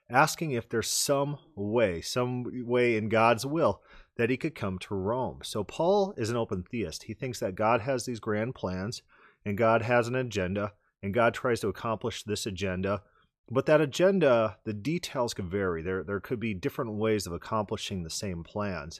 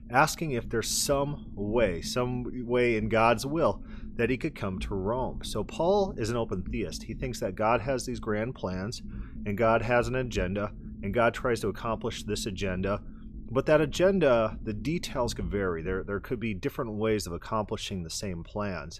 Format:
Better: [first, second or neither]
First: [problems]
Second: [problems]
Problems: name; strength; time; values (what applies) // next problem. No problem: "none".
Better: first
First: none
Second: low rumble; faint; throughout; 25 dB below the speech